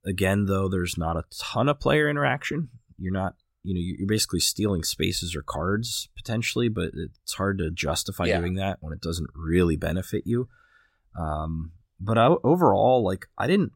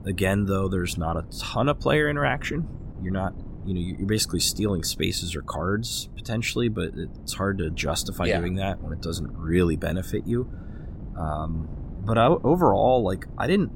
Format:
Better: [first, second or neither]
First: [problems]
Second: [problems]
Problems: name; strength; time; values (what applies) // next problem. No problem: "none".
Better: first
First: none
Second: wind noise on the microphone; occasional gusts; 20 dB below the speech